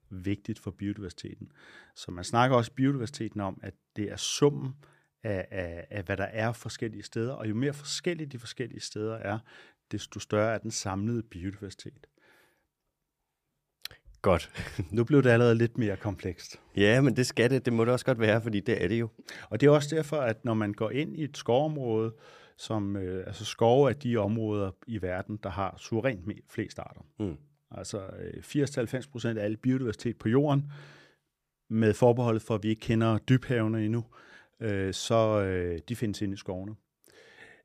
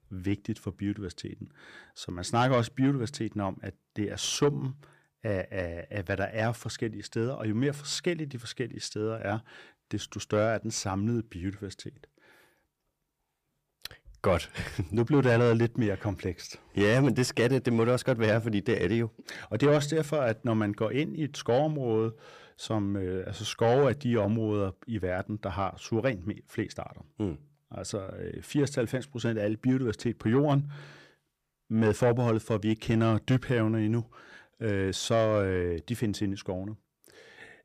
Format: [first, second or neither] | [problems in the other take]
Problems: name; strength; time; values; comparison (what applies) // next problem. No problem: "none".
first | distortion; slight; 10 dB below the speech